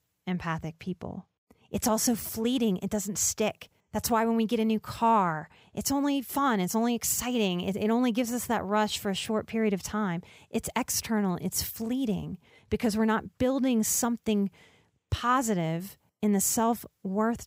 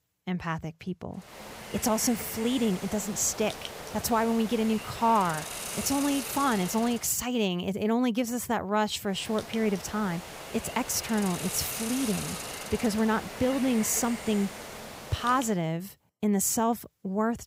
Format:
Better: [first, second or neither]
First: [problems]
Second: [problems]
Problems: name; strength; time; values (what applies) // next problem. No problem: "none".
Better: first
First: none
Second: hiss; loud; from 1.5 to 7 s and from 9 to 16 s; 9 dB below the speech